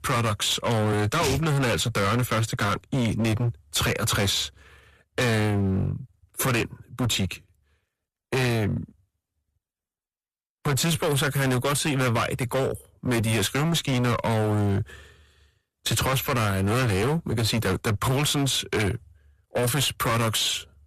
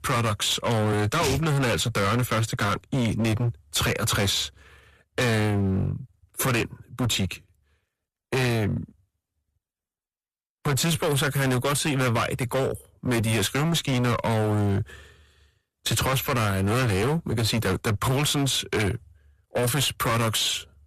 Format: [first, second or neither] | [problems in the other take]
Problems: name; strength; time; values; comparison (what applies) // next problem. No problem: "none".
neither | distortion; heavy; 24% of the sound clipped; the same in both